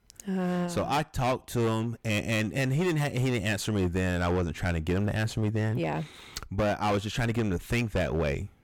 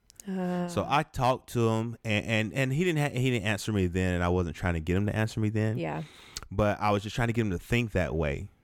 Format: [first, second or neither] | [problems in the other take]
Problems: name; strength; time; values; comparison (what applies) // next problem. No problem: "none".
second | distortion; heavy; 13% of the sound clipped